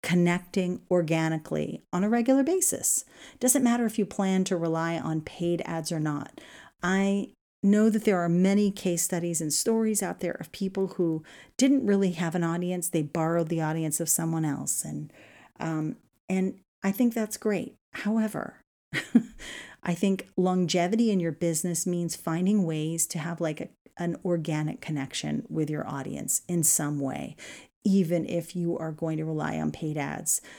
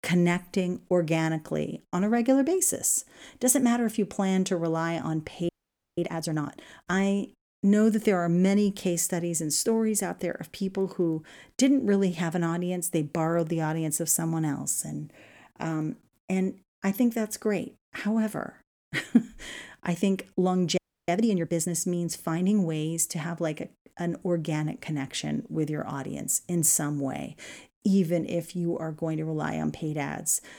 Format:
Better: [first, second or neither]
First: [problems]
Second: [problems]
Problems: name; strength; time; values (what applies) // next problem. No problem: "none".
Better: first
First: none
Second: audio freezing; at 5.5 s and at 21 s